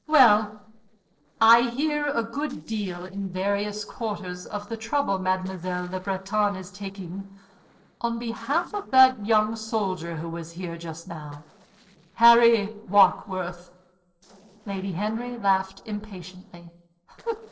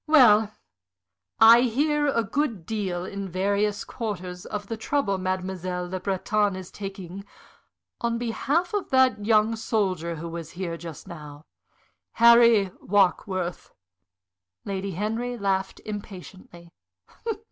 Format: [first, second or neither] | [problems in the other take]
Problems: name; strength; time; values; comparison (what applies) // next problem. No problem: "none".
second | noise reduction (neural separator model SepFormer DNS4)